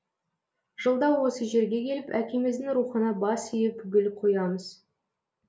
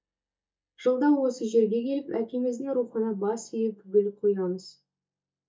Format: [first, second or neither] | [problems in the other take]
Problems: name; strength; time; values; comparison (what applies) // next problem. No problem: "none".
first | noise reduction (neural mask model DeepFilterNet 3)